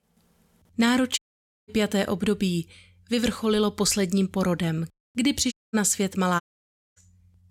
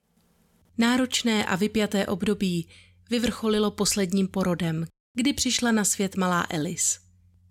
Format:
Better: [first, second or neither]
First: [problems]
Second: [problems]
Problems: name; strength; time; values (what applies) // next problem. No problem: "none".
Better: second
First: audio cutting out; at 1 s for 0.5 s, at 5.5 s and at 6.5 s for 0.5 s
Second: none